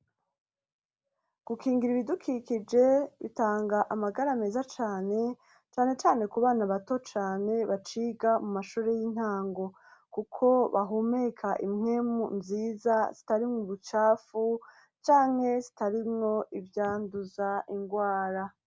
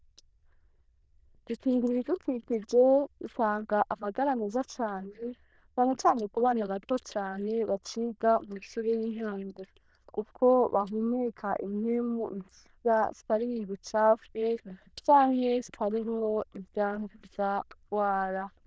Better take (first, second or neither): first